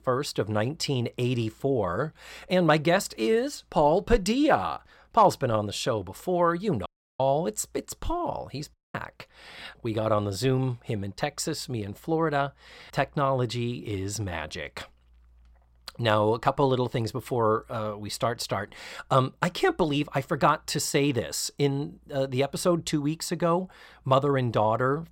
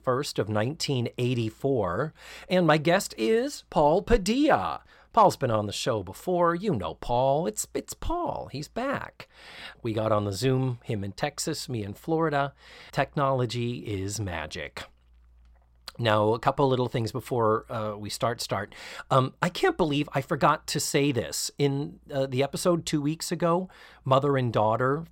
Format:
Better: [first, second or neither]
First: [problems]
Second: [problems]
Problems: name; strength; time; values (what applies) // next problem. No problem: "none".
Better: second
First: audio cutting out; at 7 s and at 8.5 s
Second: none